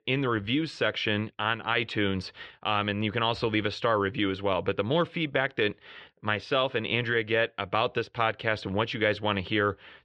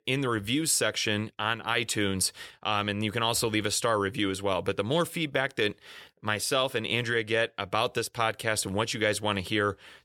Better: second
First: muffled; slightly; fading above 3.5 kHz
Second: none

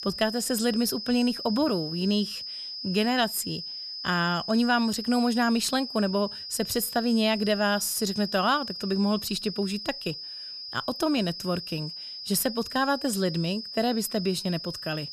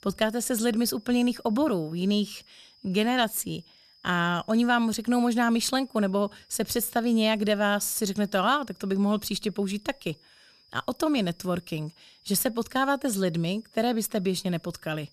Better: second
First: high-pitched whine; loud; throughout; 5 kHz, 8 dB below the speech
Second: high-pitched whine; faint; throughout; 5 kHz, 30 dB below the speech

